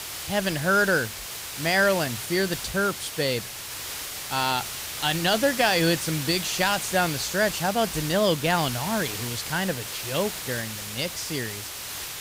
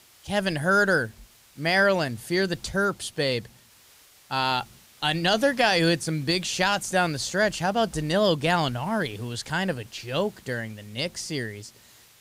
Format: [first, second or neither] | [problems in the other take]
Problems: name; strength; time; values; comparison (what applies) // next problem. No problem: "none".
second | hiss; loud; throughout; 6 dB below the speech; faint in the second